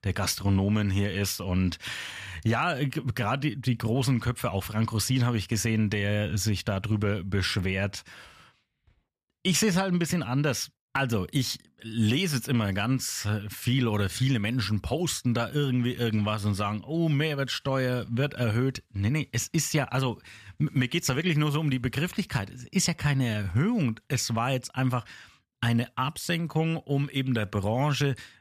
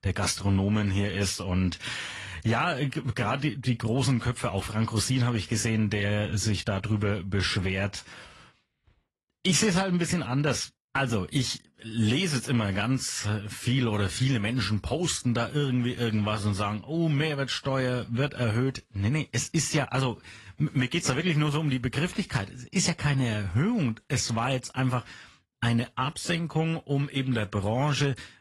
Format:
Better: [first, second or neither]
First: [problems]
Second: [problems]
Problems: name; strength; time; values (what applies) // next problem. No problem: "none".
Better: first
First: none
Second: garbled, watery; slightly; nothing above 11 kHz